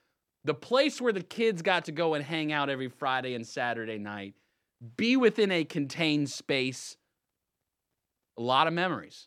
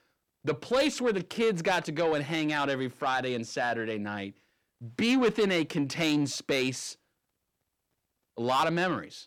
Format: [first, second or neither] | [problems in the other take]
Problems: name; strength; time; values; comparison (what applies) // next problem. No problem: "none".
first | distortion; slight; 10 dB below the speech